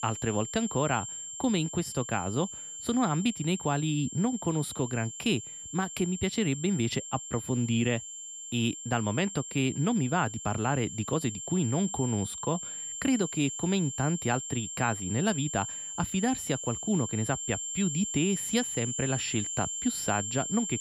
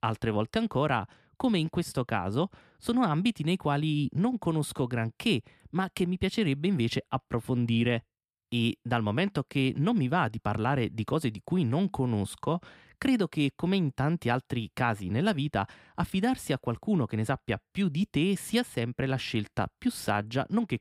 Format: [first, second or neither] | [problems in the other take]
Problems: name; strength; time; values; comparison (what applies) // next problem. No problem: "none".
second | high-pitched whine; loud; throughout; 7.5 kHz, 6 dB below the speech